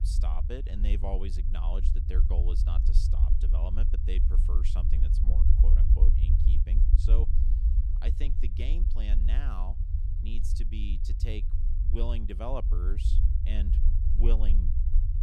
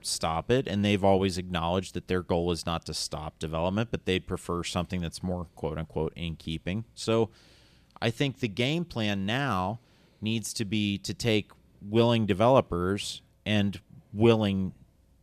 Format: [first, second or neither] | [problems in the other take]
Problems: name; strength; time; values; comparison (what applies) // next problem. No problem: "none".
second | low rumble; loud; throughout; 4 dB below the speech